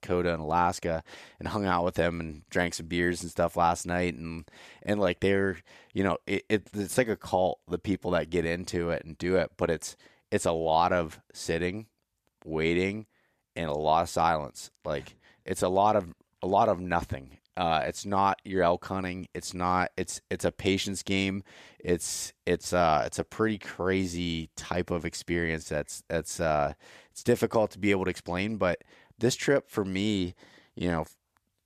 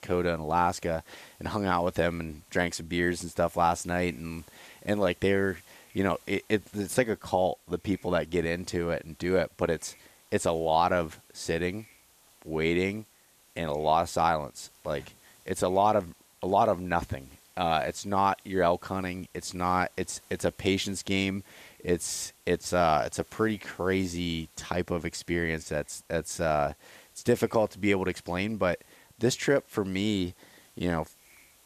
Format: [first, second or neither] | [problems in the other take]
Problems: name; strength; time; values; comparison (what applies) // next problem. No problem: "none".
first | hiss; faint; throughout; 25 dB below the speech